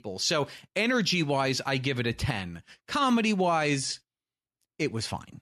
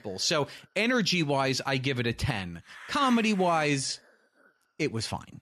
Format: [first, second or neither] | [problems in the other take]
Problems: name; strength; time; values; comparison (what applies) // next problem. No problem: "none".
first | hiss; noticeable; until 2 s and from 2.5 s on; 15 dB below the speech